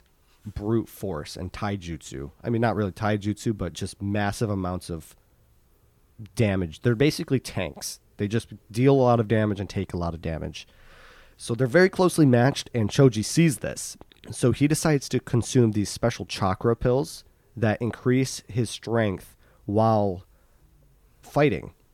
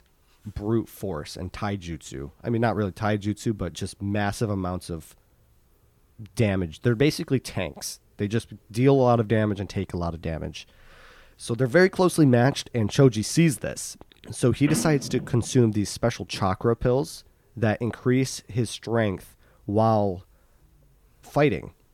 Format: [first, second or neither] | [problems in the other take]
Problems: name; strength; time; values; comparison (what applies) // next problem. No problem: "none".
first | phone ringing; noticeable; from 15 to 16 s; peak 7 dB below the speech